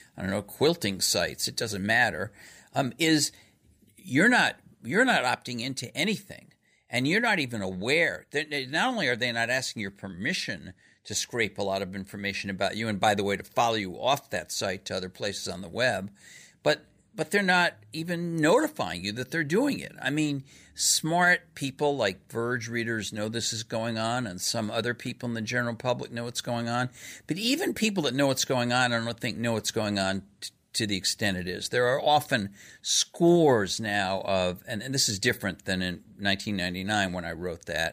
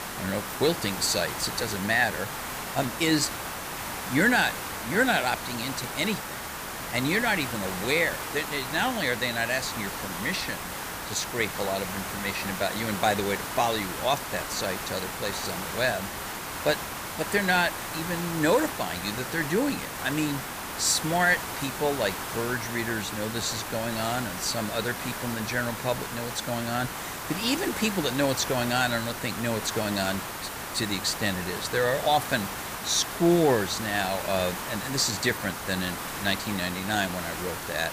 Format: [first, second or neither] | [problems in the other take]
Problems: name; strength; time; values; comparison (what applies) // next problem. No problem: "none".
first | hiss; loud; throughout; 6 dB below the speech